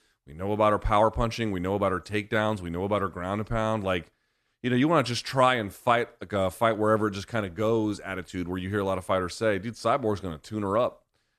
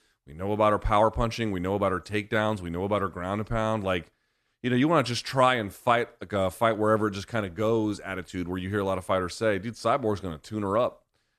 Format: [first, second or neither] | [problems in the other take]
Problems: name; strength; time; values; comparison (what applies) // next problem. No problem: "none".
neither | none